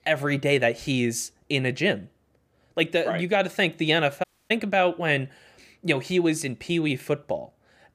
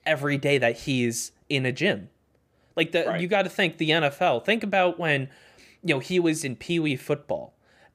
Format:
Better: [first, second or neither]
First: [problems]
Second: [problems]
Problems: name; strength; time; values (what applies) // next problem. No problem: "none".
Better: second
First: audio cutting out; at 4 s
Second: none